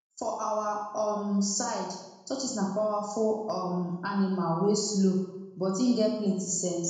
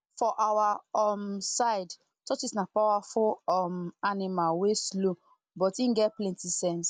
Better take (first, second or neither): second